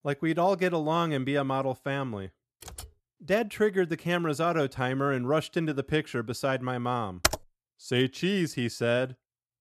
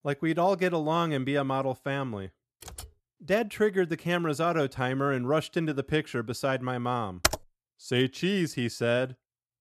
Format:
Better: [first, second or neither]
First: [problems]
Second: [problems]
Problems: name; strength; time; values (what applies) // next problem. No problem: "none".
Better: neither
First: keyboard typing; faint; at 2.5 s; peak 15 dB below the speech // keyboard typing; loud; at 7 s; peak 1 dB above the speech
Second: keyboard typing; faint; at 2.5 s; peak 15 dB below the speech // keyboard typing; loud; at 7 s; peak 1 dB above the speech